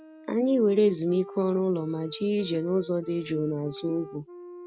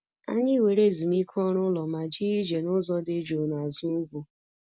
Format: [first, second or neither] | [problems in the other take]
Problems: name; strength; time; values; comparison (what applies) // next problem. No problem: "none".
second | background sound (Wind instrument, woodwind instrument); 17 dB below the speech